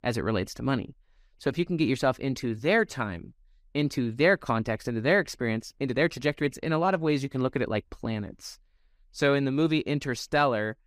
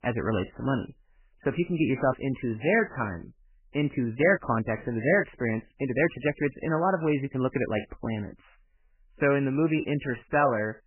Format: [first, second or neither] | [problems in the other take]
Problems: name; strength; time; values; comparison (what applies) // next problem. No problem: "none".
first | garbled, watery; badly; nothing above 3 kHz